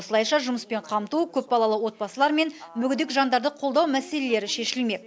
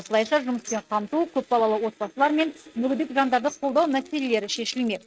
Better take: first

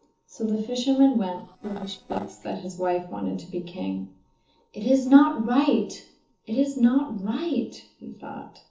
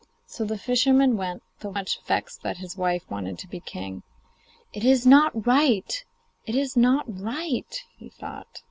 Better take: second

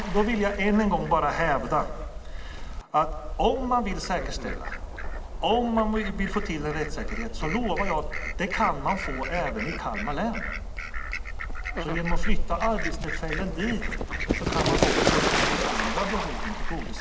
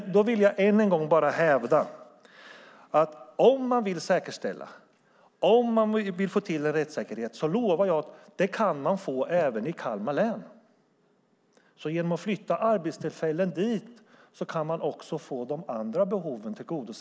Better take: second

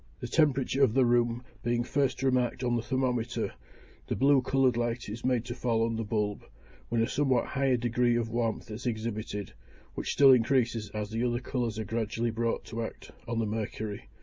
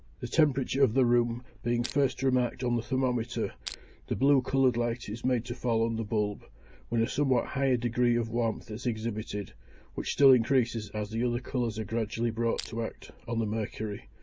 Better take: first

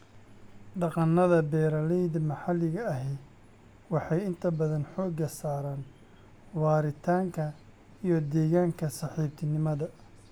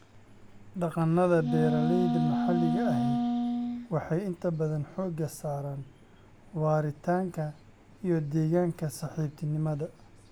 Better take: first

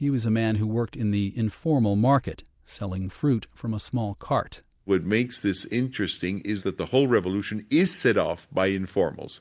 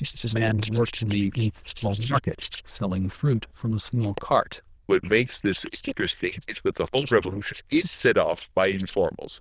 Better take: first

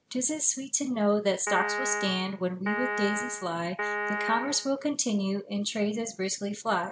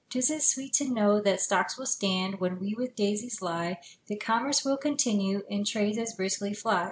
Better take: second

